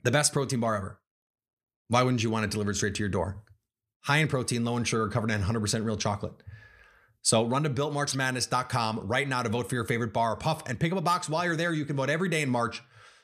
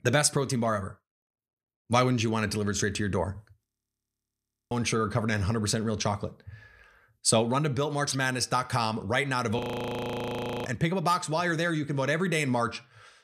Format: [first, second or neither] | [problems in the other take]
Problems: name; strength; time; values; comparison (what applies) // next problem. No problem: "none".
first | audio freezing; at 3.5 s for 1 s and at 9.5 s for 1 s